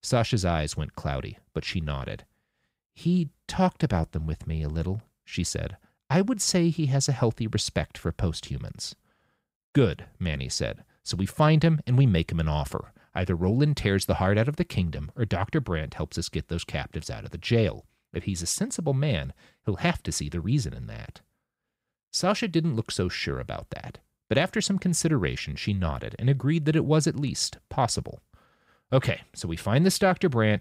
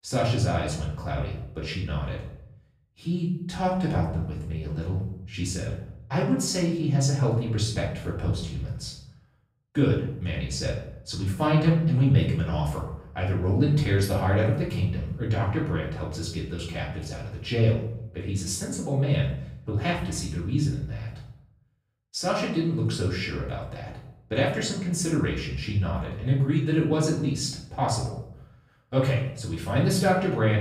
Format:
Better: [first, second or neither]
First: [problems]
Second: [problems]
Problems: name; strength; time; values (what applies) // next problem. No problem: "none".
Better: first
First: none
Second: off-mic speech; far // room echo; noticeable; dies away in 0.6 s